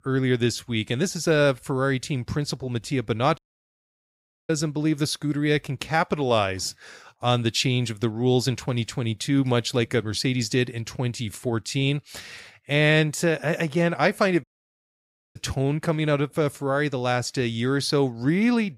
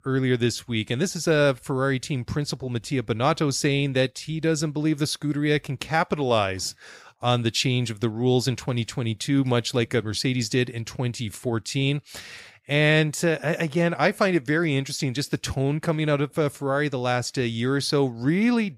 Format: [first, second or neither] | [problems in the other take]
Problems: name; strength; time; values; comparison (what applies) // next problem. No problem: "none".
second | audio cutting out; at 3.5 s for 1 s and at 14 s for 1 s